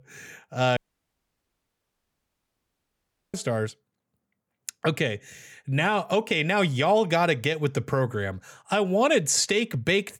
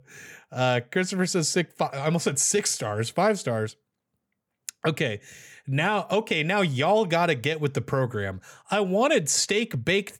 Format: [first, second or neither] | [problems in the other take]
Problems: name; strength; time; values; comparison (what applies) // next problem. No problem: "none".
second | audio cutting out; at 1 s for 2.5 s